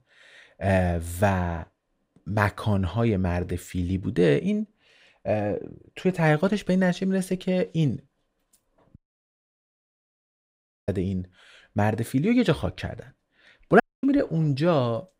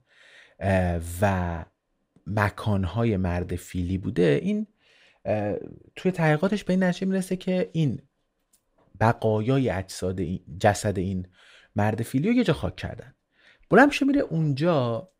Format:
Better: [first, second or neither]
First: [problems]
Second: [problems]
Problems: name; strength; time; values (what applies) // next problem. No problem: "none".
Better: second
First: audio cutting out; at 9 s for 2 s and at 14 s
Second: none